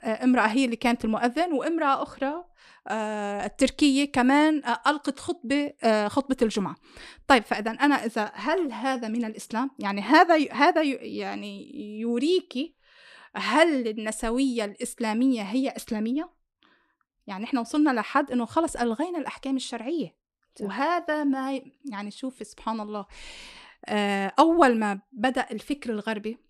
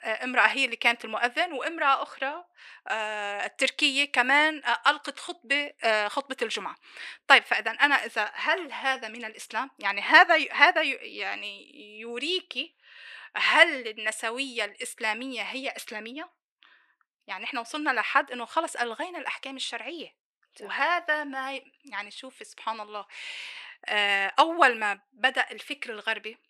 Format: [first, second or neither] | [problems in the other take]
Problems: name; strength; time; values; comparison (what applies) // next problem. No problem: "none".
first | thin; very; fading below 550 Hz